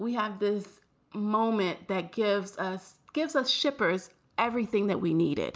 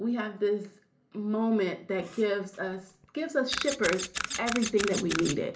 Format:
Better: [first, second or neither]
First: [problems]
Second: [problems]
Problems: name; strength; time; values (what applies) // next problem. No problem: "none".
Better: first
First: none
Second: background sound (Camera); 7 dB below the speech // room echo; dies away in 0.3 s